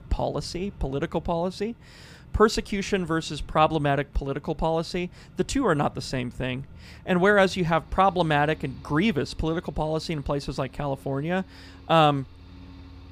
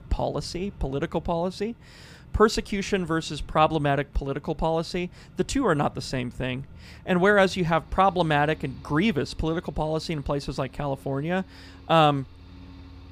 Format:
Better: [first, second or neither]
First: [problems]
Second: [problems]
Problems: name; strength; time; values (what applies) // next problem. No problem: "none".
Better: neither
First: machinery noise; faint; throughout; 20 dB below the speech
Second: machinery noise; faint; throughout; 20 dB below the speech